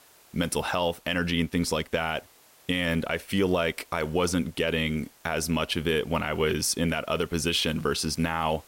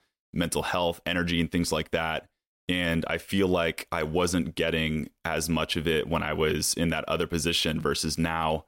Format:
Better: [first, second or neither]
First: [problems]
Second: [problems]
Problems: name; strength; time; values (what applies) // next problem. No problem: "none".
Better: second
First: hiss; faint; throughout; 25 dB below the speech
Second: none